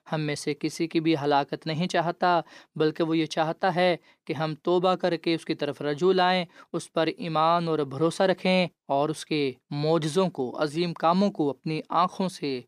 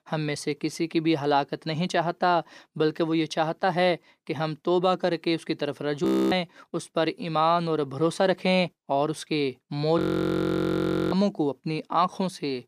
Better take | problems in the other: first | audio freezing; at 6 s and at 10 s for 1 s

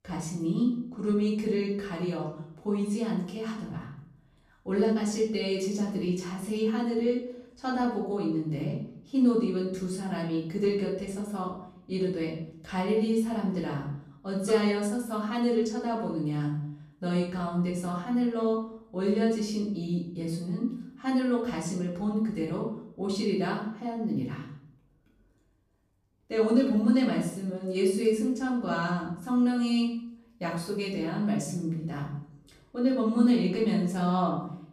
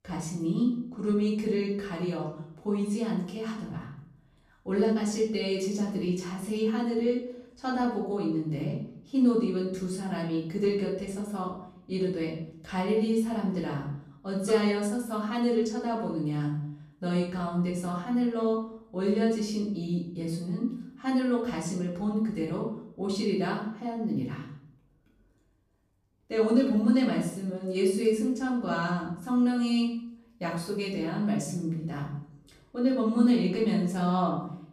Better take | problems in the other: neither | off-mic speech; far; the same in both // room echo; noticeable; dies away in 0.6 s; the same in both

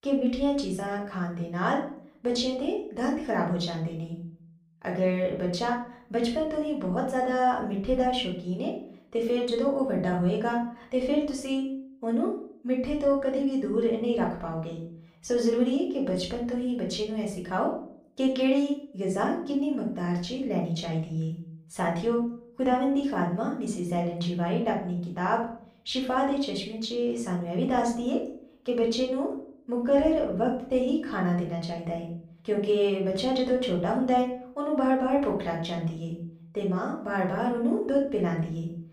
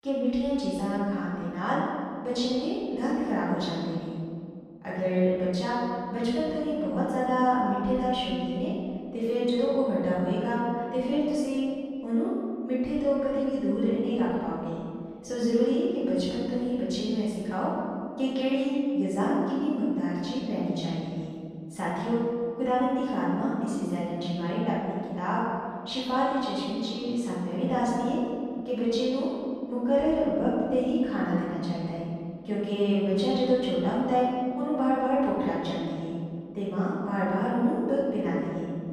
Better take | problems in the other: first | room echo; strong; dies away in 2.3 s; slight in the first // off-mic speech; far; far in the first

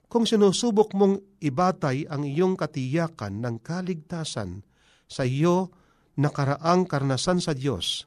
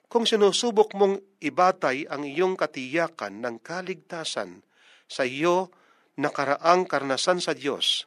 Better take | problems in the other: first | thin; somewhat; fading below 250 Hz

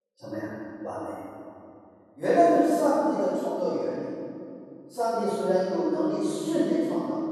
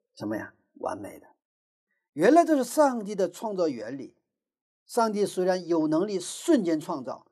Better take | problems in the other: second | off-mic speech; far // room echo; strong; dies away in 2.5 s

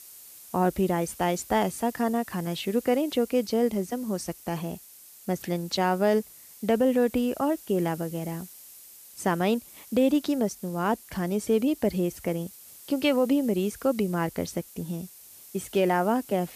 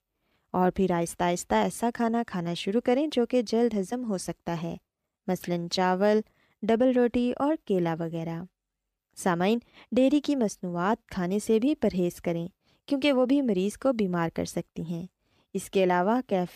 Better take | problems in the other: second | hiss; noticeable; throughout; 20 dB below the speech

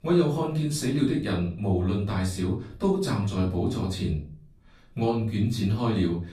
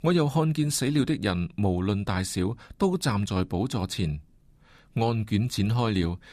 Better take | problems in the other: second | off-mic speech; far // room echo; slight; dies away in 0.4 s

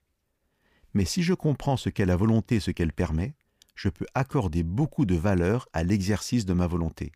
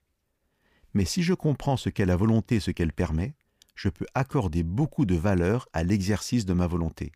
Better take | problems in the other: neither | none

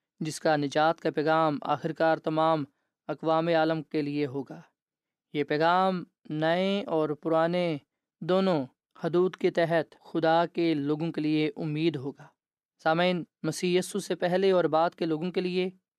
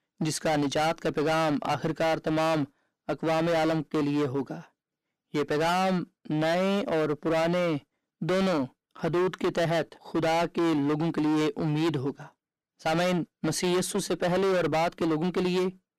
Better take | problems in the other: first | distortion; heavy; 24% of the sound clipped

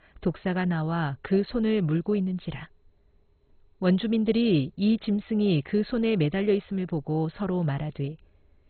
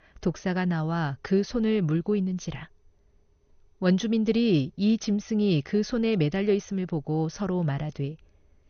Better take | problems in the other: second | garbled, watery; badly; nothing above 4 kHz; slightly in the second

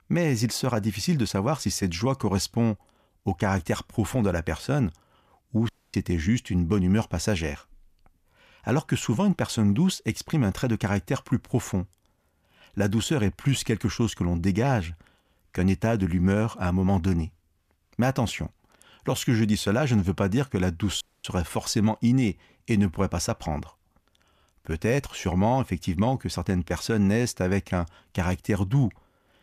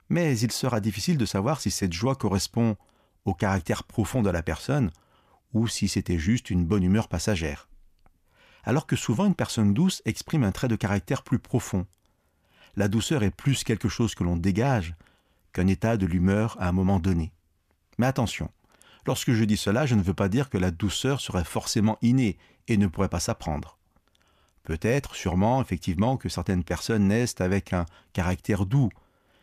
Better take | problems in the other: second | audio cutting out; at 5.5 s and at 21 s

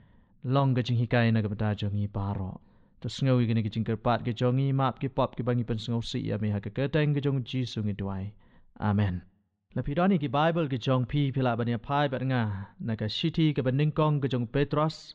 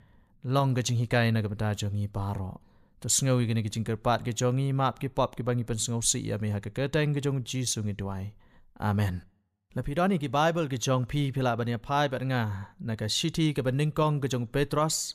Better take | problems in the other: second | muffled; slightly; fading above 3.5 kHz

